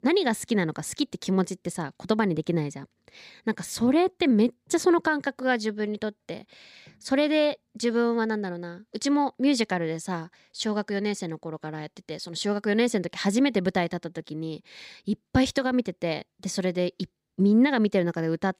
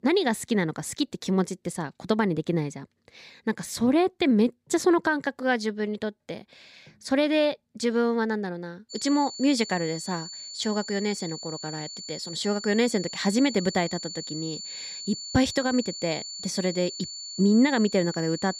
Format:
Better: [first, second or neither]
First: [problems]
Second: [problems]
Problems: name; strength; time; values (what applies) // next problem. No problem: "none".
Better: first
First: none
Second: high-pitched whine; loud; from 9 s on; 4.5 kHz, 9 dB below the speech